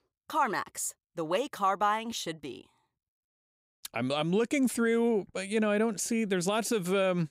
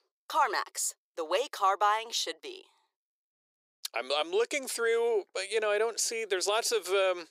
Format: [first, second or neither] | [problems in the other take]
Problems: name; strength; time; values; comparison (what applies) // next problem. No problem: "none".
first | thin; very; fading below 400 Hz